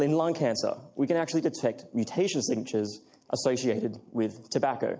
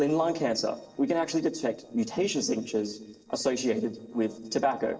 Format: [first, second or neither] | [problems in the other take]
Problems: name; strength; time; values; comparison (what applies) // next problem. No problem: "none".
first | noise reduction (neural separator model SepFormer DNS4)